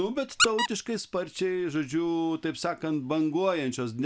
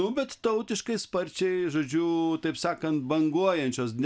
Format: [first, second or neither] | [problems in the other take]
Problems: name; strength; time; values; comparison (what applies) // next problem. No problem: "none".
second | background sound (Squeak); 4 dB below the speech